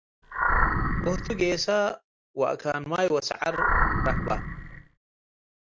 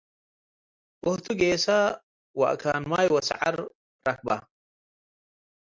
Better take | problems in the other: second | background sound (Animal); 3 dB above the speech

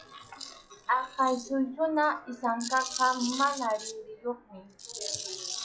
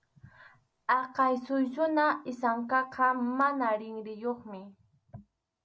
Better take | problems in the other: second | noise reduction (classical method log-MMSE)

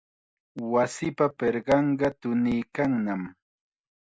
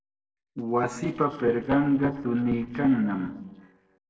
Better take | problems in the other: first | noise reduction (neural separator model SepFormer DNS4)

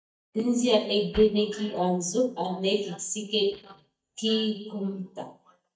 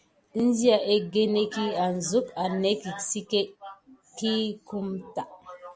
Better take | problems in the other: second | noise reduction (neural mask model DeepFilterNet 3)

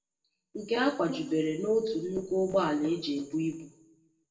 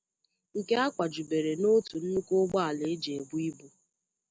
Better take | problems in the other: second | background sound (Bowed string instrument); 15 dB below the speech // room echo; dies away in 0.7 s

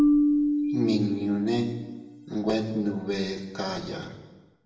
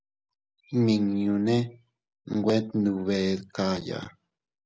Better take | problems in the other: second | background sound (Marimba, xylophone); 1 dB above the speech // room echo; dies away in 1.1 s

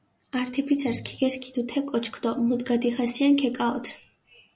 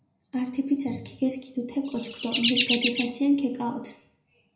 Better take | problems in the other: first | background sound (Chirp, tweet); 2 dB below the speech // room echo; dies away in 0.5 s

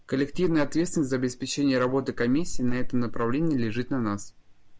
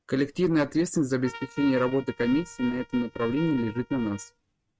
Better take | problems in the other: first | noise reduction (neural mask model RNNoise)

